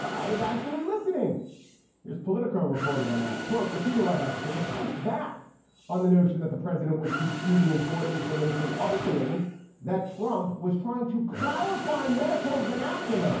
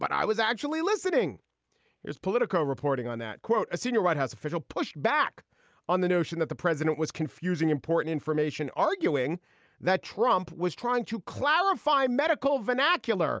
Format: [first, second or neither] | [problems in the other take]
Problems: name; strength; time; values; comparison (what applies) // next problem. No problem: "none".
second | background sound (Mechanisms); 9 dB below the speech // room echo; dies away in 0.9 s